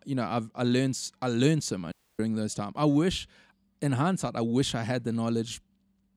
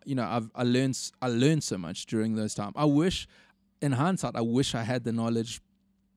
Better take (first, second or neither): second